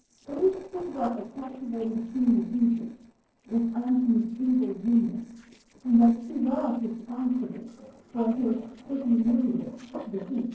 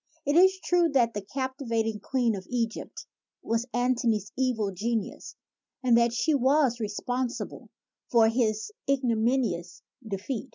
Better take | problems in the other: second | noise reduction (neural separator model SepFormer DNS4)

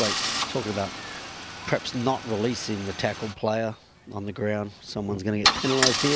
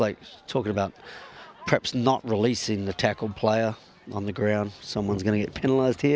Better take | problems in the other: second | background sound (Idling / Engine starting / Car); 2 dB below the speech

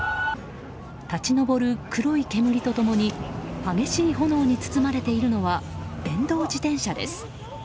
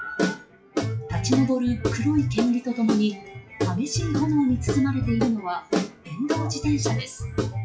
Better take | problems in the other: first | noise reduction (classical method WPE with log-MMSE)

